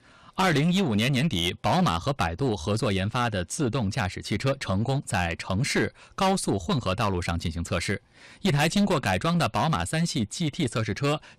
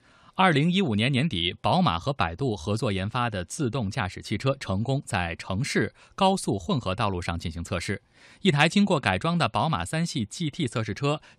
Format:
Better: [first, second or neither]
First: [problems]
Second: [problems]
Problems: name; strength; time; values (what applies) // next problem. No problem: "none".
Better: second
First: distortion; heavy; 12% of the sound clipped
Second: none